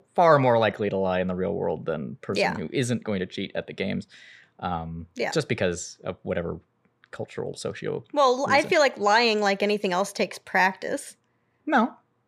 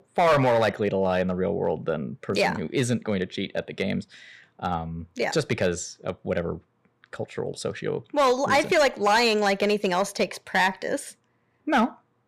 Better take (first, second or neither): first